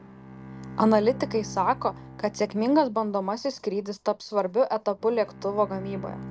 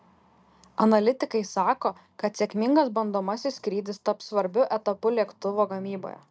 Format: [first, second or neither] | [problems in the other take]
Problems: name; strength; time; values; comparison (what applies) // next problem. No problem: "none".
second | background sound (Bowed string instrument); 15 dB below the speech